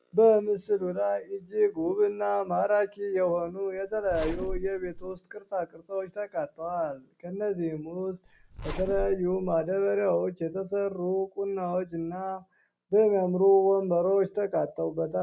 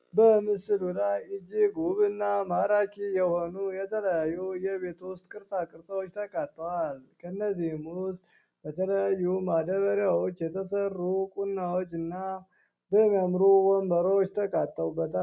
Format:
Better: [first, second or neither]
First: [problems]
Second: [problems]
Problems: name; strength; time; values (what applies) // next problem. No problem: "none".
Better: second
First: background sound (Zipper (clothing)); 9 dB below the speech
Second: none